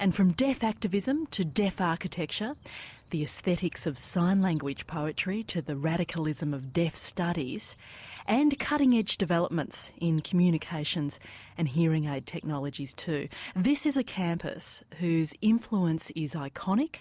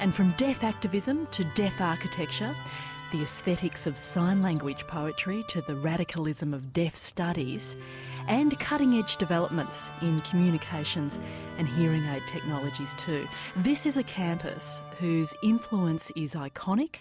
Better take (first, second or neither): first